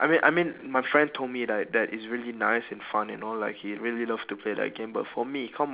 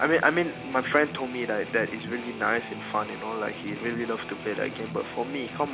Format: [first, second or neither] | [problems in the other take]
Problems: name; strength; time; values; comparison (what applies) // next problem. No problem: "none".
first | background sound (Guitar); 10 dB below the speech